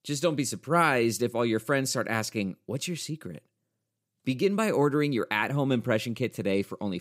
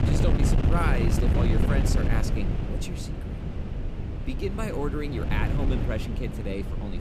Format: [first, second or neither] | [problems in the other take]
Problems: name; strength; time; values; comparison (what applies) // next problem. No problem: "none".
first | wind noise on the microphone; heavy; 2 dB below the speech